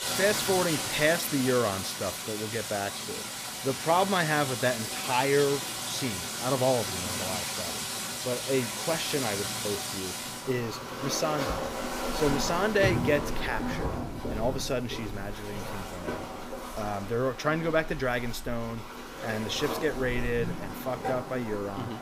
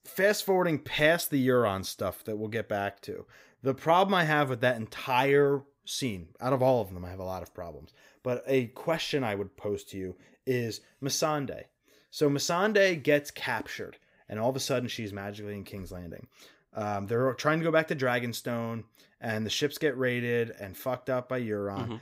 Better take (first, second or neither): second